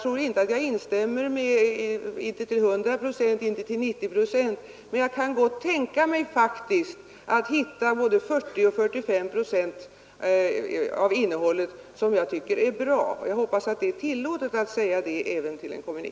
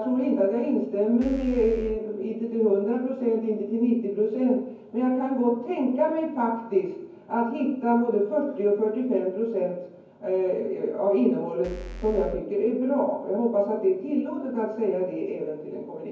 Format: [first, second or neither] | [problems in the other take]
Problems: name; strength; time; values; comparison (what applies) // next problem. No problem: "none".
first | background sound (Bass drum / Keyboard (musical)); 11 dB below the speech // room echo; dies away in 0.9 s